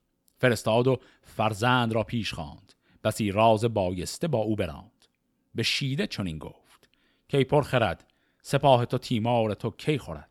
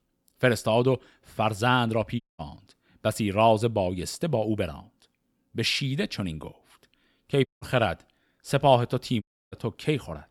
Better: first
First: none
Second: audio cutting out; at 2 s, at 7.5 s and at 9 s

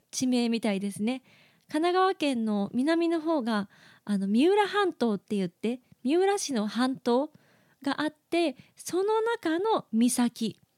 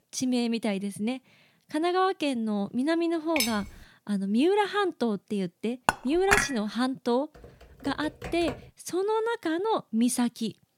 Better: first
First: none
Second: clattering dishes; noticeable; at 3.5 s; peak 1 dB below the speech // clattering dishes; loud; at 6 s; peak 4 dB above the speech // keyboard typing; faint; from 7.5 to 8.5 s; peak 10 dB below the speech

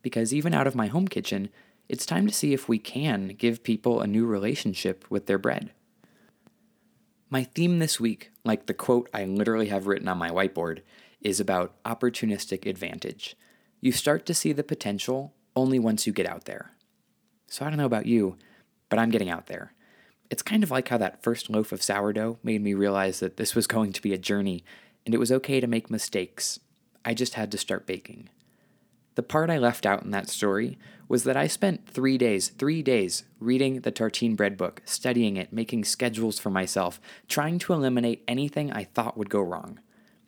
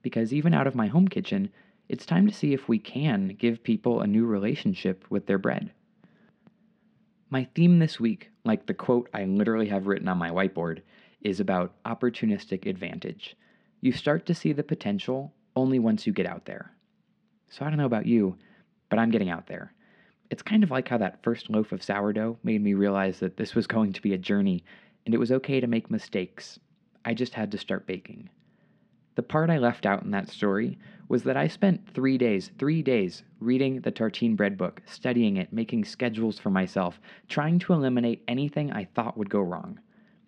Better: first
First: none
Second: muffled; slightly; fading above 3.5 kHz

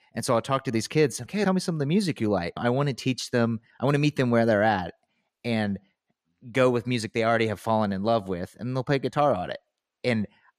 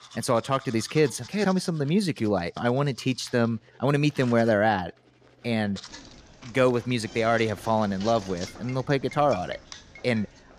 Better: first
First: none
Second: household noises; noticeable; throughout; 20 dB below the speech

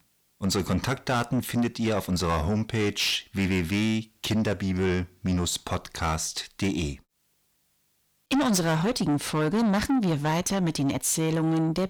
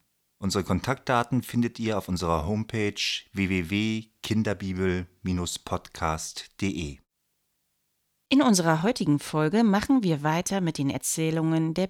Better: second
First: distortion; heavy; 7 dB below the speech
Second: none

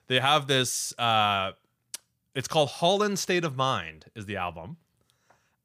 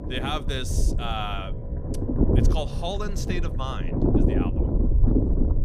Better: first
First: none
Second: low rumble; loud; throughout; 1 dB below the speech

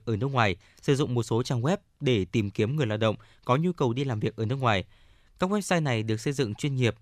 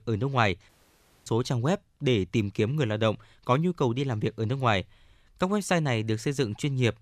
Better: first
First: none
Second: audio cutting out; at 0.5 s for 0.5 s

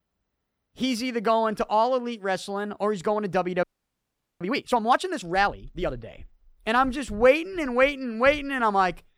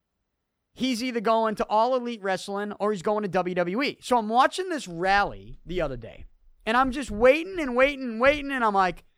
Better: second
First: audio freezing; at 3.5 s for 1 s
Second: none

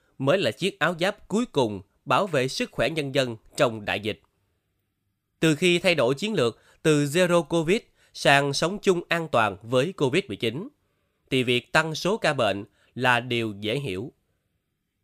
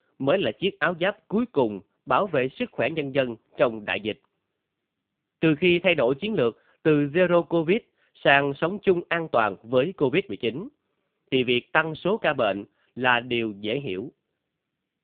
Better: first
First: none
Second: phone-call audio; poor line

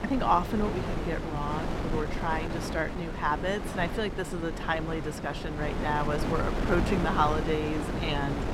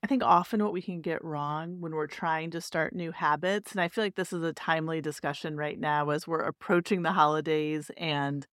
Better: second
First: wind noise on the microphone; heavy; 6 dB below the speech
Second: none

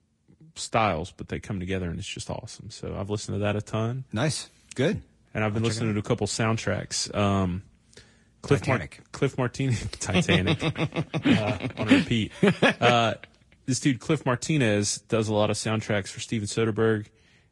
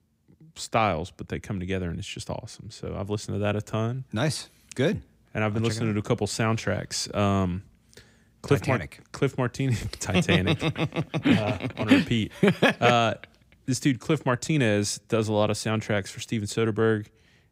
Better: second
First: garbled, watery; slightly; nothing above 10 kHz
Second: none

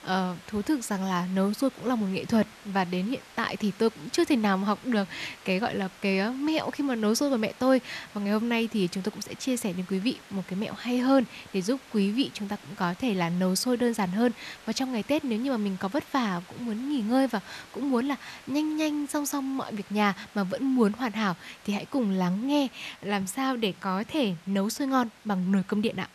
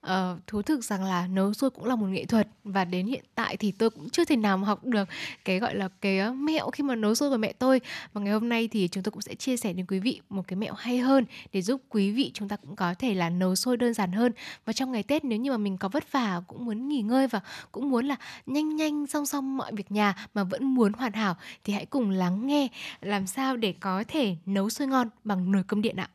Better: second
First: hiss; faint; throughout; 20 dB below the speech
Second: none

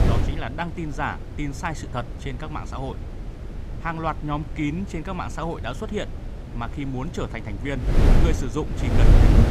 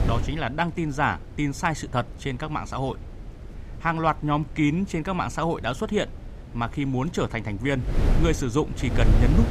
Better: second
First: wind noise on the microphone; heavy; 5 dB below the speech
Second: wind noise on the microphone; occasional gusts; 15 dB below the speech

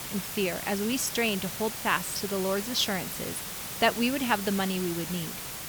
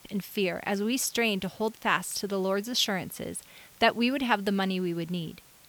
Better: second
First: hiss; loud; throughout; 6 dB below the speech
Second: hiss; faint; throughout; 25 dB below the speech

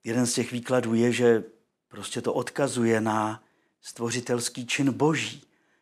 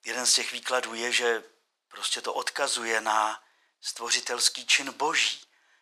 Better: first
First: none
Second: thin; very; fading below 900 Hz

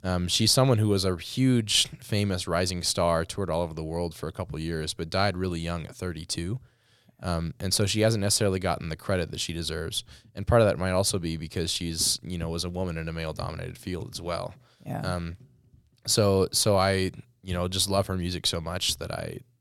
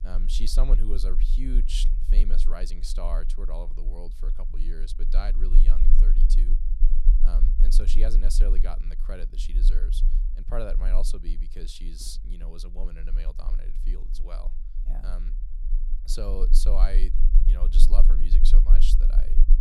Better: first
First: none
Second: low rumble; noticeable; throughout; 10 dB below the speech

